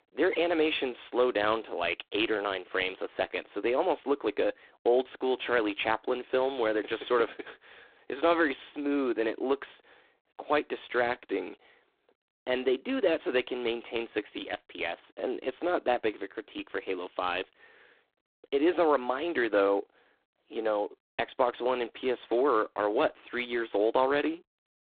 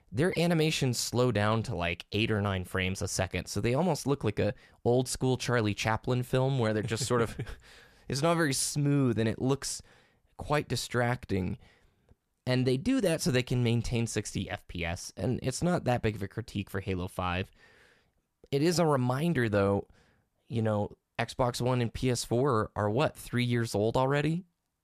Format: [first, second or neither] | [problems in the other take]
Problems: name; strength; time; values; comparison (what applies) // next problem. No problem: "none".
second | phone-call audio; poor line; nothing above 3.5 kHz